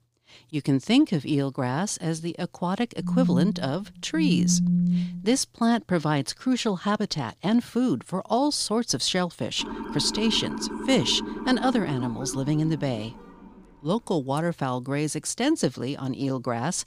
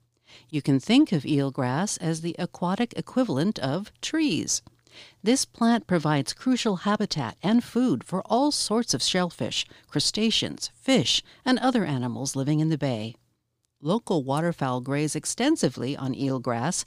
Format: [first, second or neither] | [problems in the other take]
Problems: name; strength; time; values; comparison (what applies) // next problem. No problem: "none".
second | phone ringing; loud; from 3 to 5 s; peak 3 dB above the speech // siren; noticeable; from 9.5 to 14 s; peak 7 dB below the speech